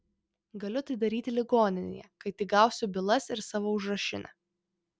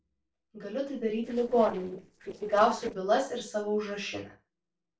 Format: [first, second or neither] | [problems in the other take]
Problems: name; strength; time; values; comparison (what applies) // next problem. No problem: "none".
first | noise reduction (neural separator model SepFormer DNS4)